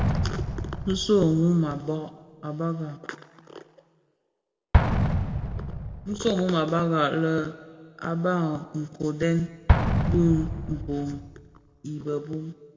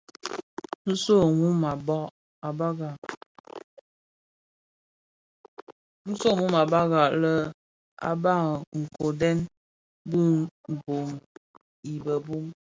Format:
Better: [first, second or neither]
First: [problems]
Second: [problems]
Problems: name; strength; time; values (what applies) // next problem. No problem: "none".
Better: second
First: background sound (Explosion); 2 dB below the speech // room echo; dies away in 1.4 s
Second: none